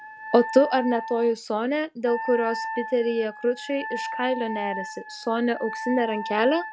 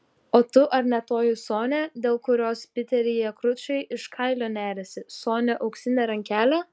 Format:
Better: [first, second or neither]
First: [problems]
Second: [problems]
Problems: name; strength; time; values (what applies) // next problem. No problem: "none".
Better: second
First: background sound (Wind instrument, woodwind instrument); 9 dB below the speech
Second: none